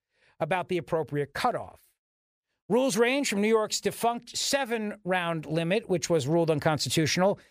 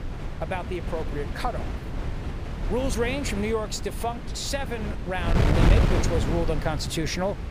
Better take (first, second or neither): first